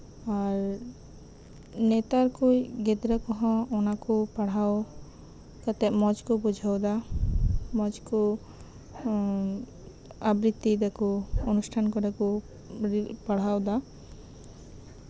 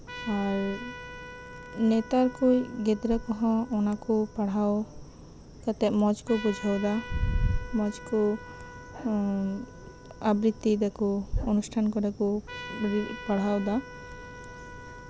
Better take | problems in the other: first | background sound (Trumpet); 17 dB below the speech

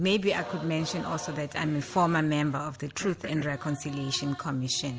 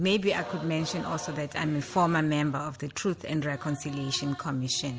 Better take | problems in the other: second | background sound (Cough); 17 dB below the speech

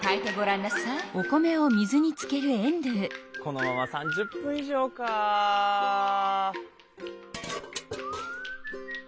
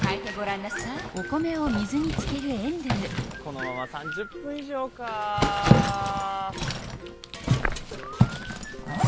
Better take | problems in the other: first | background sound (Zipper (clothing)); 2 dB above the speech

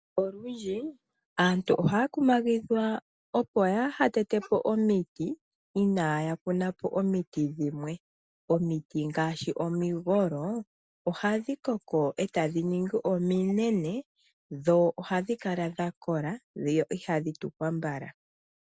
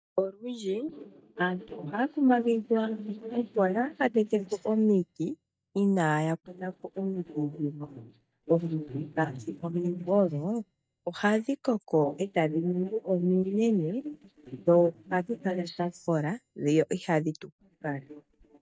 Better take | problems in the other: first | noise reduction (neural mask model DeepFilterNet 3)

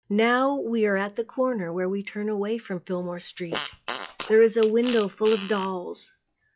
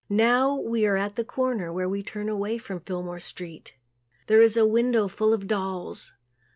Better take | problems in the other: second | noise reduction (classical method log-MMSE)

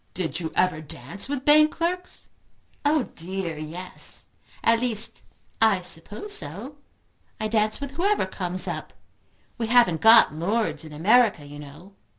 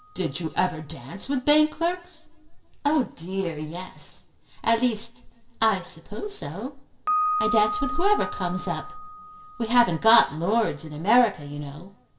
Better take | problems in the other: first | background sound (Piano); 10 dB below the speech // room echo; dies away in 0.7 s

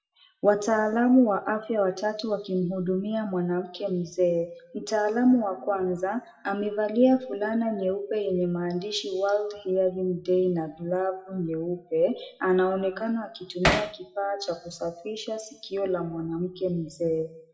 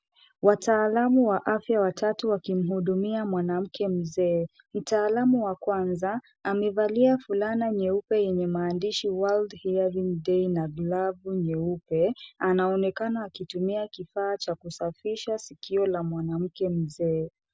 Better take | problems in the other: second | noise reduction (classical method WPE with log-MMSE)

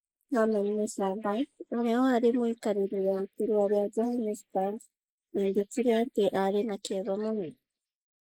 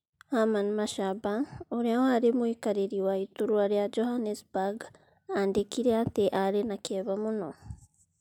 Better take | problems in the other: second | noise reduction (neural mask model Resemble Enhance denoiser)

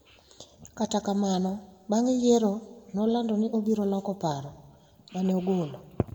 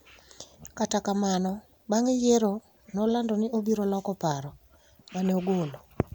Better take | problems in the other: second | room echo; dies away in 0.9 s

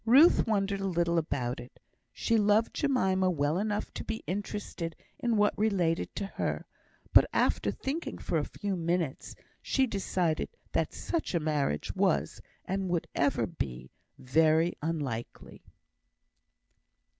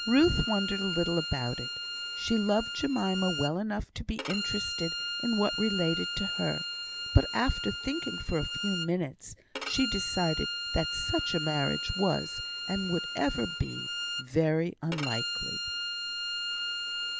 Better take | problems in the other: first | background sound (Bowed string instrument); 4 dB below the speech

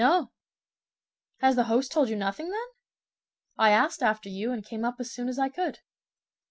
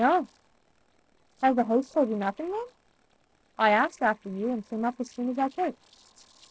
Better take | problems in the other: first | noise reduction (neural separator model SepFormer DNS4)

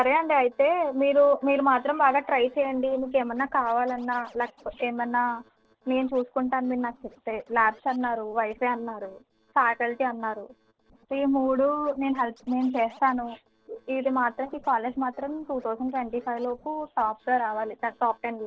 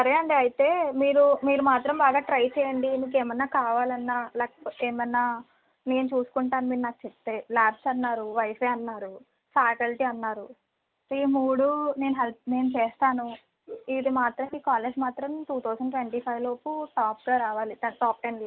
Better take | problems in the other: second | noise reduction (neural separator model SepFormer DNS4)

